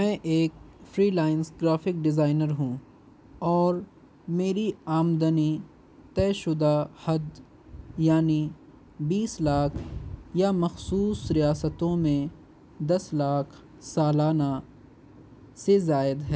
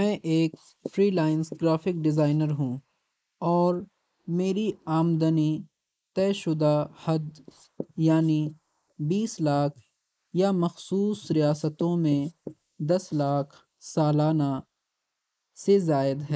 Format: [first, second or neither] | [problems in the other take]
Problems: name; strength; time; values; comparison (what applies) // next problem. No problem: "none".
first | noise reduction (neural mask model Resemble Enhance denoiser)